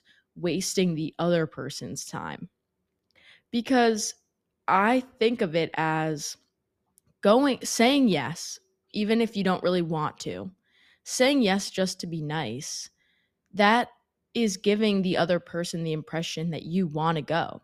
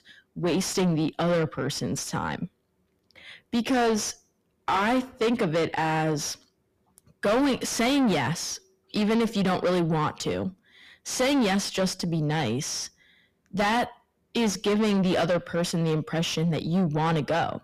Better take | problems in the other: first | distortion; heavy; 6 dB below the speech

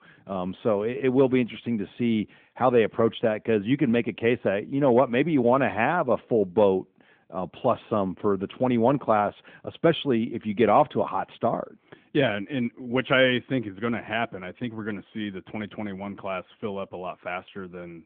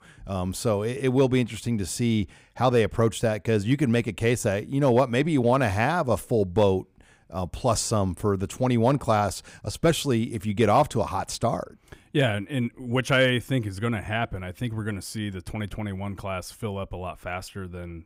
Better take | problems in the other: second | phone-call audio; nothing above 3.5 kHz

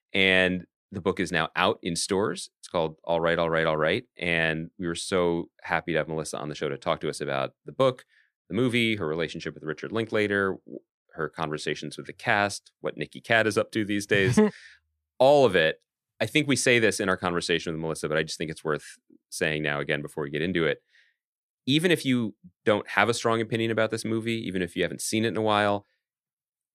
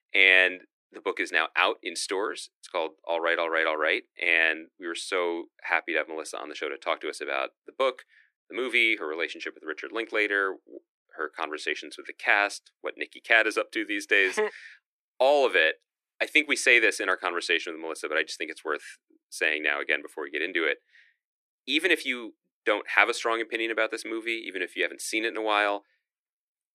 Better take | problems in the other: first | thin; very; fading below 300 Hz

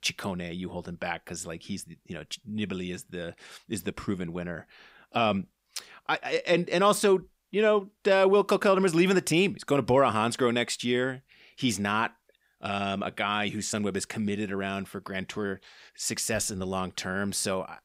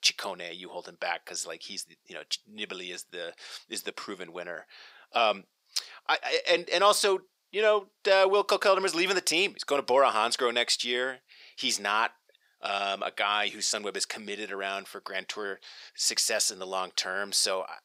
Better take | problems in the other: first | thin; very; fading below 550 Hz

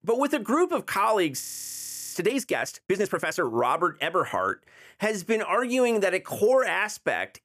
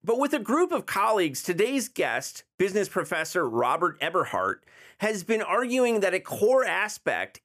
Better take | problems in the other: second | audio freezing; at 1.5 s for 0.5 s

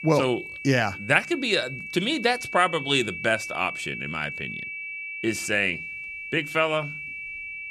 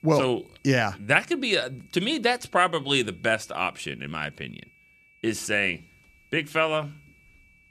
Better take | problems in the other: second | high-pitched whine; loud; throughout; 2.5 kHz, 8 dB below the speech; faint in the second

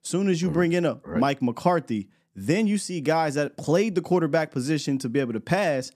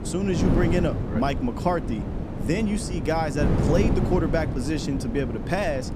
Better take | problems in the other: first | wind noise on the microphone; heavy; 6 dB below the speech

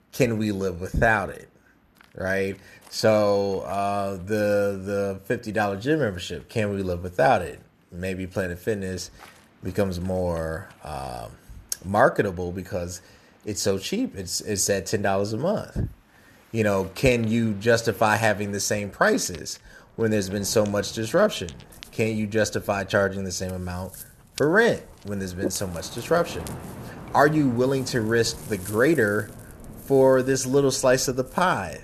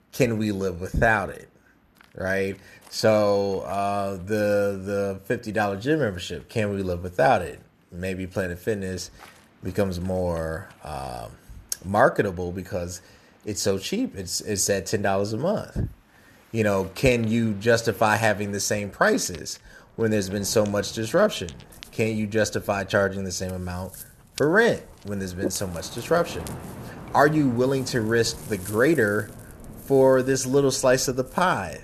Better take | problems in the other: neither | rain or running water; noticeable; throughout; 20 dB below the speech; the same in both

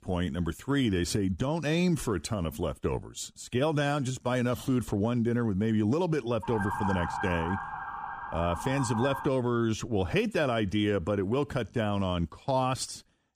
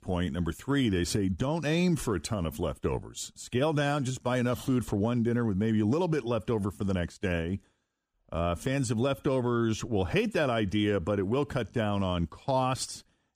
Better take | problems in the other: second | siren; noticeable; from 6.5 to 9.5 s; peak 3 dB below the speech

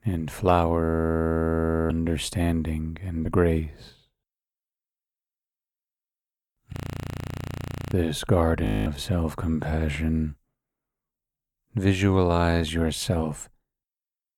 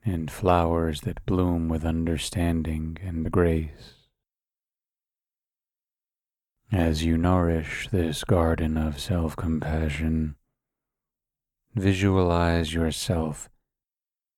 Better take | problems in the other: second | audio freezing; at 1 s for 1 s, at 6.5 s for 1 s and at 8.5 s

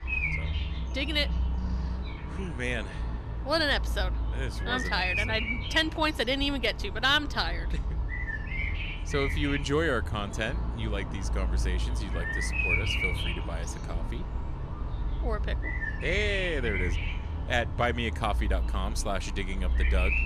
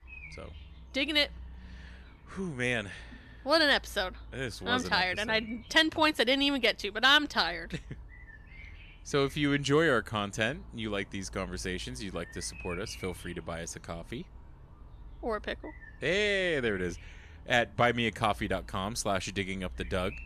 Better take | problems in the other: second | animal sounds; loud; throughout; 1 dB below the speech; faint in the second

